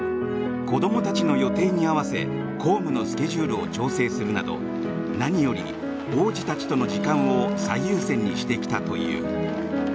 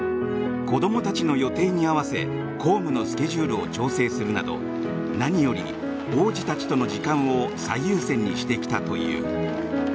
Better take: second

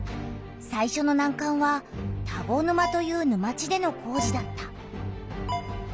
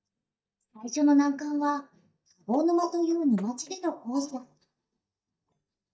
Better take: first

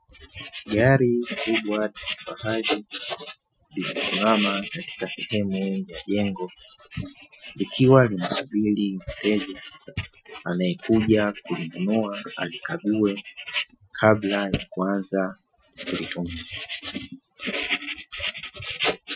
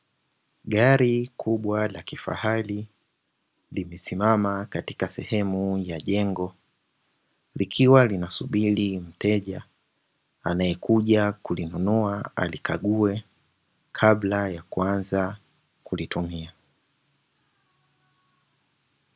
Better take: second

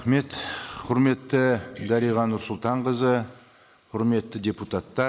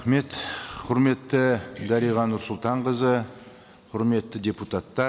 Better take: second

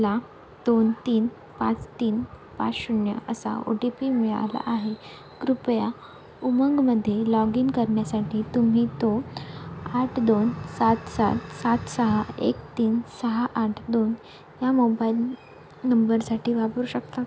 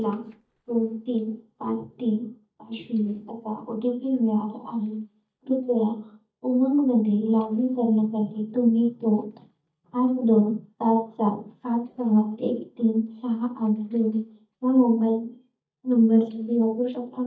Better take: first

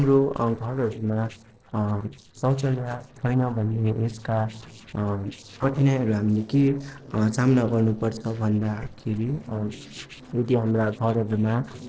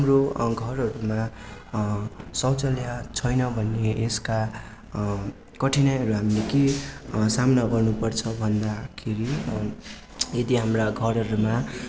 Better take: second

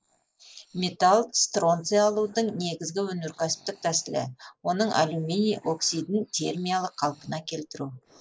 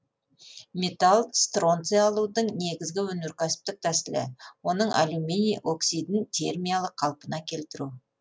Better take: second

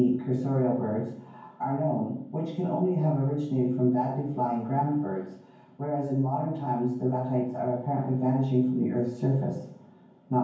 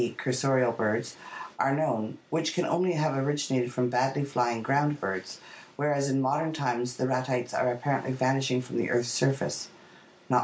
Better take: second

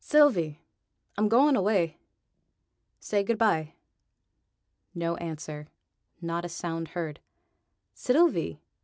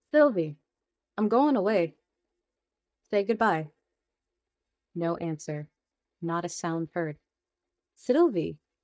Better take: first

